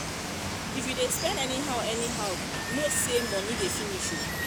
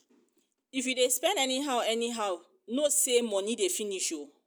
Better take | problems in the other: second | background sound (Water); as loud as the speech

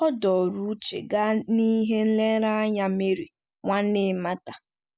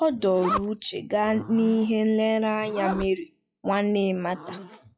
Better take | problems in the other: first | noise reduction (classical method log-MMSE)

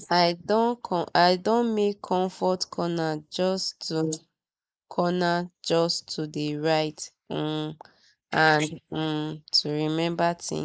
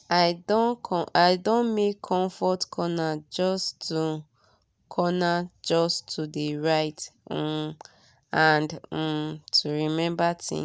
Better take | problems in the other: second | noise reduction (neural mask model Resemble Enhance denoiser)

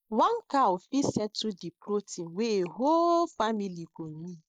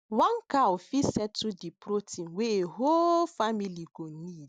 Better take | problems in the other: second | noise reduction (neural mask model Resemble Enhance denoiser)

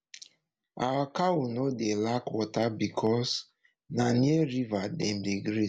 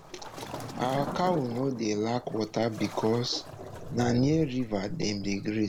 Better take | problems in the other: first | background sound (Waves, surf); 11 dB below the speech

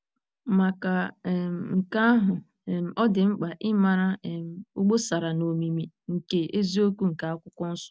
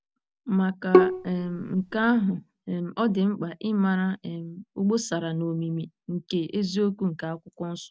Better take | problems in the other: first | background sound (Bowed string instrument); 4 dB above the speech

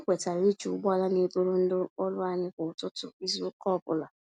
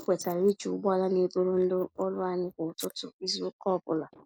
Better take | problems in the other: first | noise reduction (neural mask model Resemble Enhance denoiser)

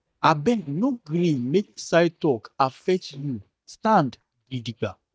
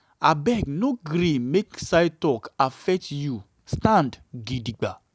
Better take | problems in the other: second | noise reduction (neural mask model DeepFilterNet 3)

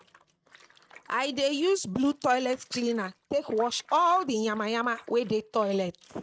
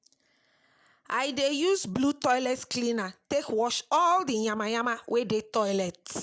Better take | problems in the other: second | noise reduction (neural mask model RNNoise)

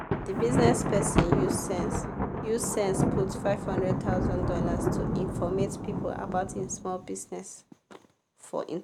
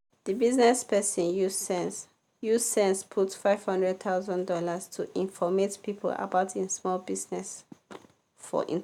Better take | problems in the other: second | background sound (Thunder); 2 dB above the speech

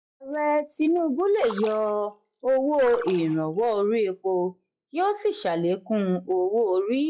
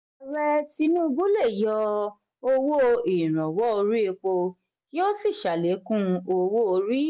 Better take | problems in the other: second | noise reduction (classical method log-MMSE)

